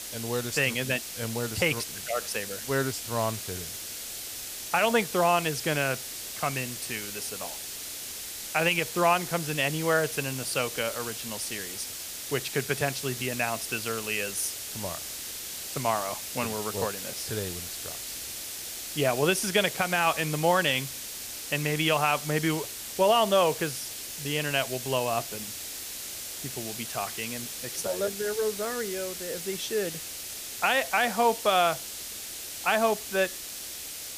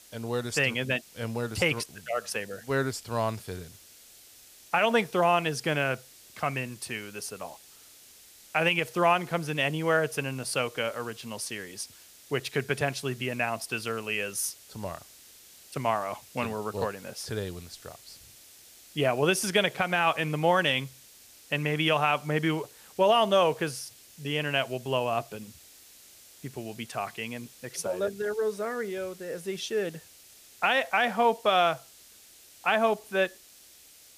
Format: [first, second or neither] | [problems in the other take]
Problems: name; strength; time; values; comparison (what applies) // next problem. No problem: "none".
second | hiss; loud; throughout; 7 dB below the speech; faint in the second